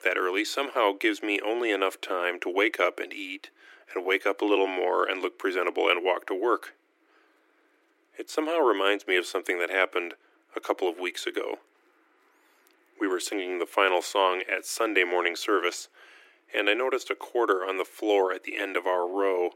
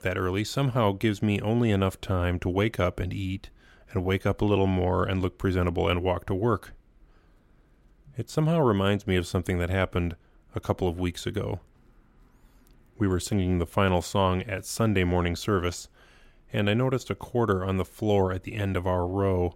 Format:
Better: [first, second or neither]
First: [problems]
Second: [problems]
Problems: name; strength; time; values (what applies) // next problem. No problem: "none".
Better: second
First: thin; very; fading below 300 Hz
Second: none